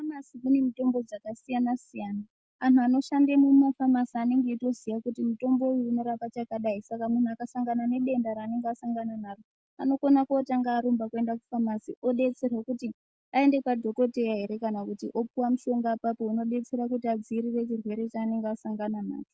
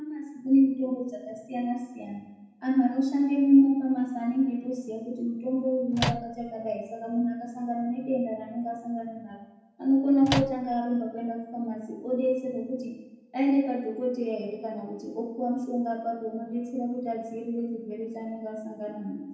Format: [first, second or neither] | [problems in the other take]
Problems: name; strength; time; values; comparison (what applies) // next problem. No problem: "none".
first | background sound (Microwave oven); 3 dB below the speech // room echo; dies away in 0.9 s